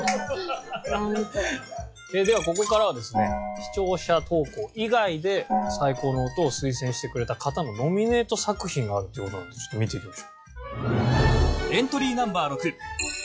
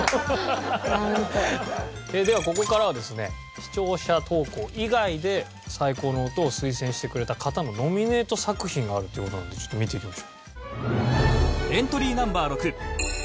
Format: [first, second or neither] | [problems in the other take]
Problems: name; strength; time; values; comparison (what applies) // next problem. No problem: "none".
second | noise reduction (classical method log-MMSE)